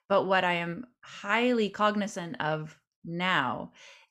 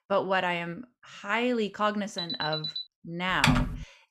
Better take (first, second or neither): first